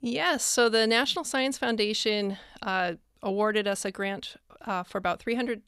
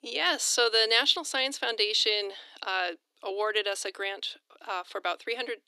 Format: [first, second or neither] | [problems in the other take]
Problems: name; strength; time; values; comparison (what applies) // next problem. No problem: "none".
first | thin; somewhat; fading below 300 Hz